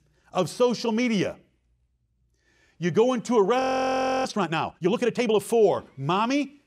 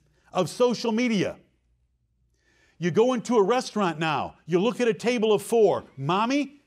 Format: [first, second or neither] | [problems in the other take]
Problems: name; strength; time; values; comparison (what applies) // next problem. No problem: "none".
second | audio freezing; at 3.5 s for 0.5 s